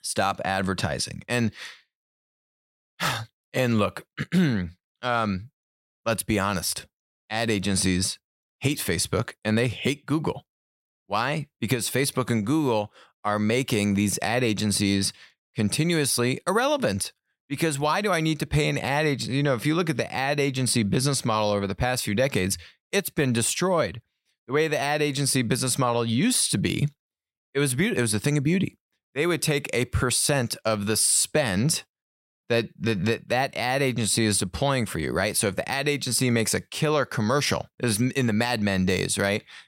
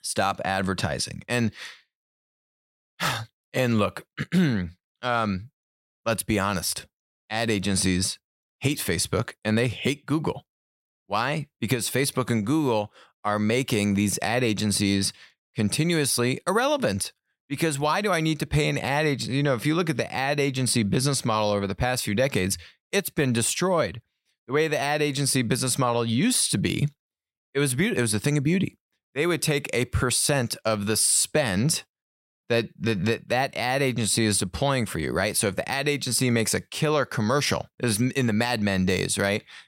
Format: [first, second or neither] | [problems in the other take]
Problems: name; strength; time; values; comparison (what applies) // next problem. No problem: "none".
neither | none